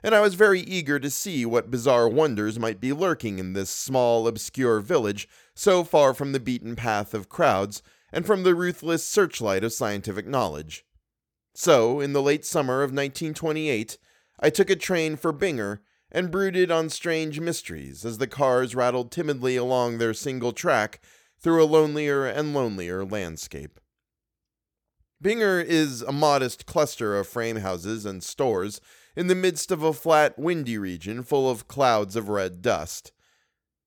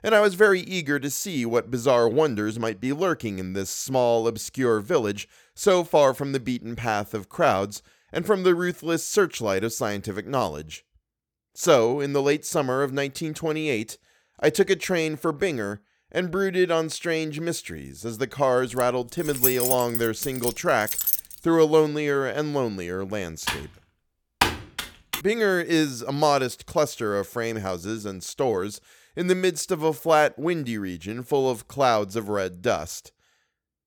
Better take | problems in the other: first | jangling keys; loud; from 19 to 21 s; peak 4 dB above the speech // keyboard typing; loud; from 23 to 25 s; peak level with the speech

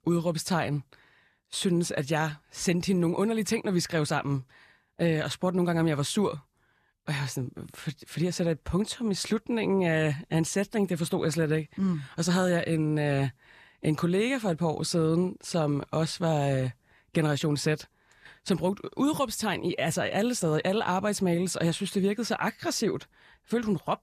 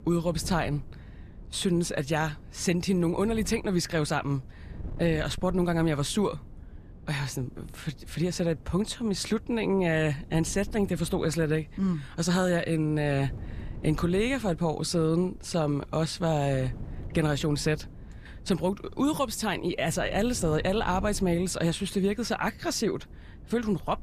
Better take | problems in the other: first | wind noise on the microphone; occasional gusts; 25 dB below the speech

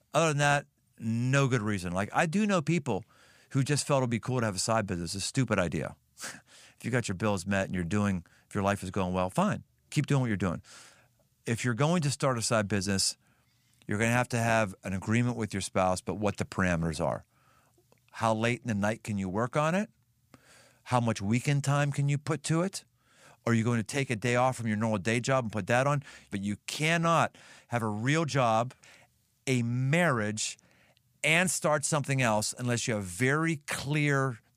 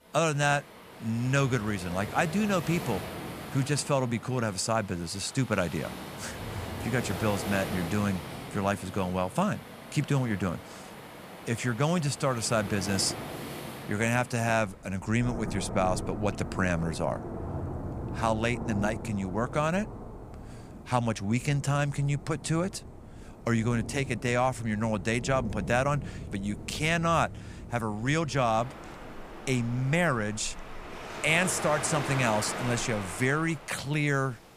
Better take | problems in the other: first | rain or running water; noticeable; throughout; 10 dB below the speech

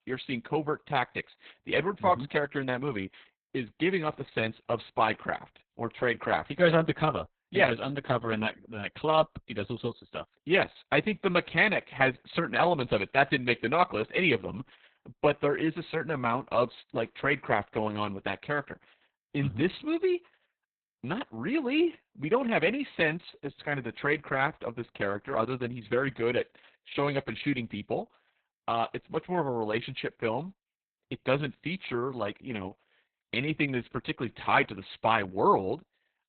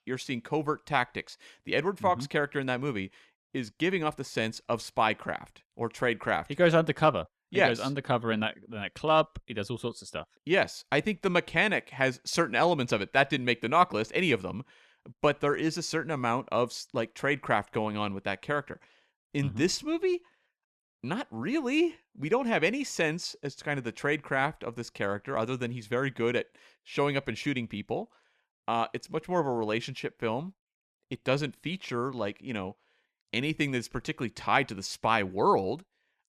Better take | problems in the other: second | garbled, watery; badly; nothing above 4 kHz

